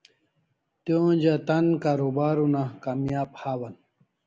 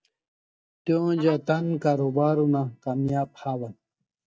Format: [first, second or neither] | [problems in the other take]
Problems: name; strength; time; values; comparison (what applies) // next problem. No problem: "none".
first | noise reduction (neural mask model DeepFilterNet 3)